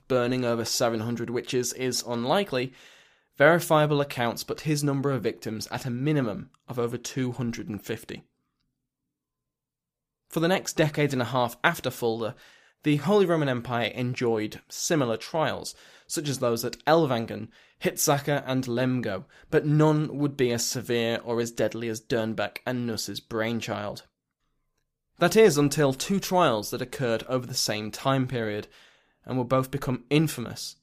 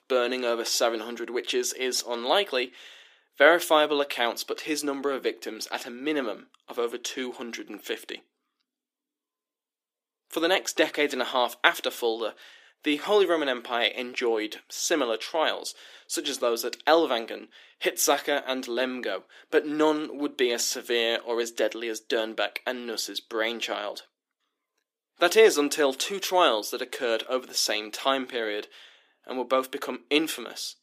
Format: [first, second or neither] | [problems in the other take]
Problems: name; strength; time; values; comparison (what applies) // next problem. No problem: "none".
first | thin; somewhat; fading below 300 Hz